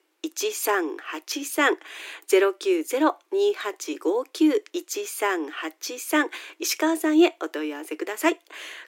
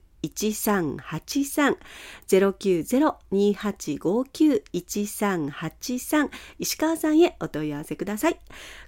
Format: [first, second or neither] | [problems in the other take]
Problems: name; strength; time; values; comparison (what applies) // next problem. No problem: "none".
second | thin; somewhat; fading below 300 Hz